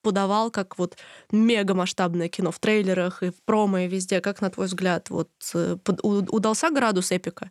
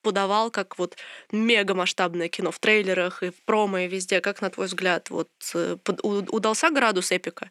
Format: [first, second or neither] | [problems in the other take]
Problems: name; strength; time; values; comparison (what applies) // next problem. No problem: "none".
first | thin; very slightly; fading below 300 Hz